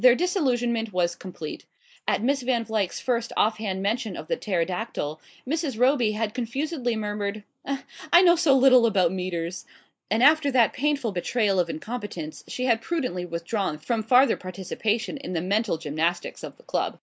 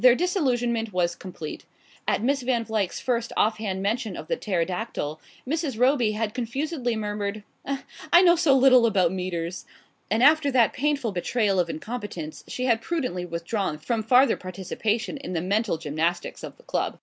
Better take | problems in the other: second | noise reduction (neural mask model Resemble Enhance denoiser)

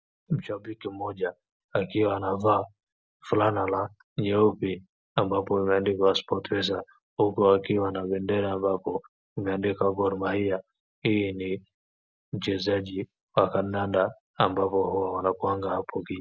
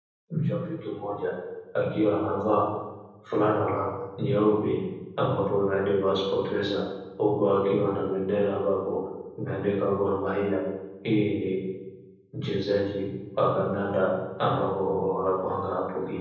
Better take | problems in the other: first | room echo; dies away in 1.1 s

